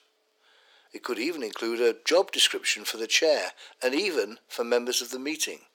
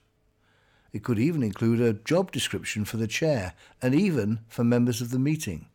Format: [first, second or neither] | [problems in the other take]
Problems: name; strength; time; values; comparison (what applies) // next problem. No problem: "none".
second | thin; very; fading below 350 Hz